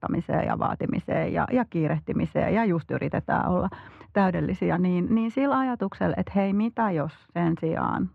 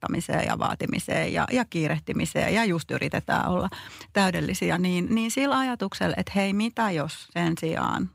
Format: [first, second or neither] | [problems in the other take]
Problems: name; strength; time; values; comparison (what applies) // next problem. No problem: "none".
second | muffled; very; fading above 4 kHz